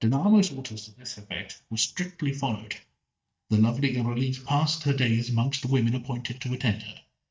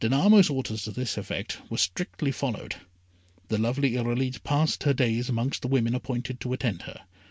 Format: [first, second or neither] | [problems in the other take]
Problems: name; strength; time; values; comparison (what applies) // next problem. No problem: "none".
second | noise reduction (neural mask model DeepFilterNet 3)